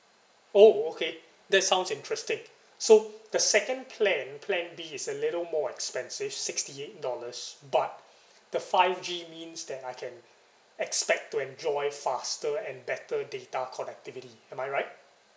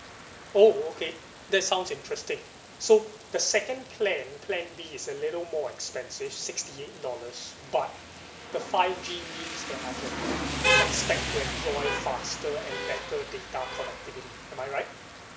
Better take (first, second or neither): first